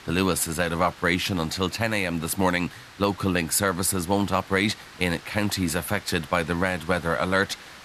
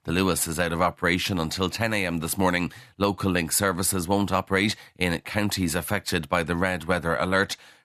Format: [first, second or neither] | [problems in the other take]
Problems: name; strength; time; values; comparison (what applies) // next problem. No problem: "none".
second | hiss; noticeable; throughout; 20 dB below the speech